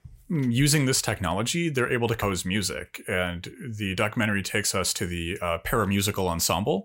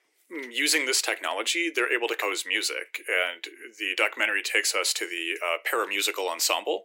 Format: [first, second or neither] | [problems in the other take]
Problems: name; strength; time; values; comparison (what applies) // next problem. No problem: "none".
first | thin; very; fading below 300 Hz